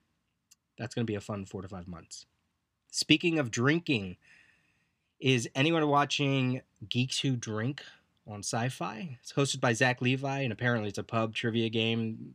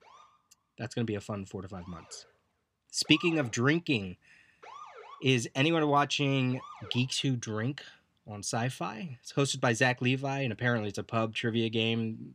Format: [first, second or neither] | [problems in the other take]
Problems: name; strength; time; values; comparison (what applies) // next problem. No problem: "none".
first | siren; faint; until 7 s; peak 15 dB below the speech